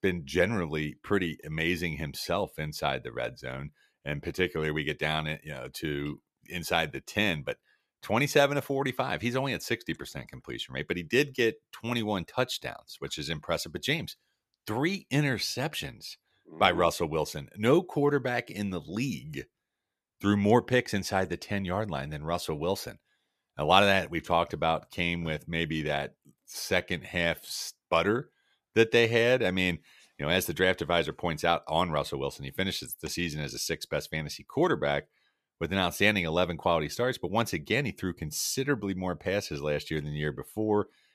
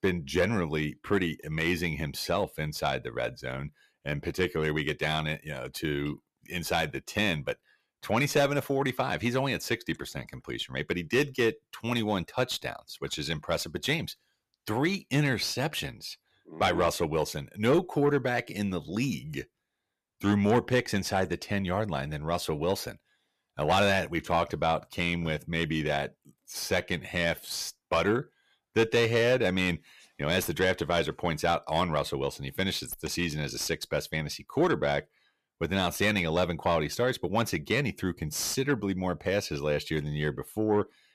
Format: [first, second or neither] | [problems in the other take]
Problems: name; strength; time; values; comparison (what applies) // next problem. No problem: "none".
first | distortion; slight; 10 dB below the speech